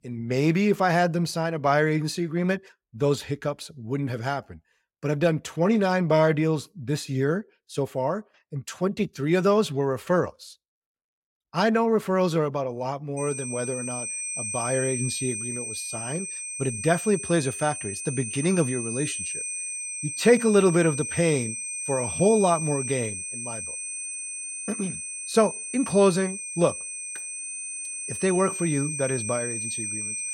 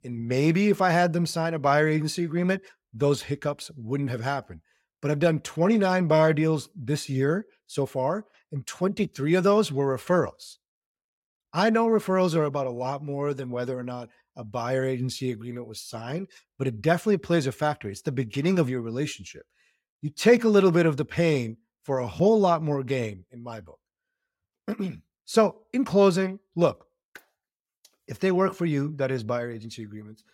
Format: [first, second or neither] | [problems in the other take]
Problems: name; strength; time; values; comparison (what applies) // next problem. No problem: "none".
second | high-pitched whine; loud; from 13 s on; 8.5 kHz, 5 dB below the speech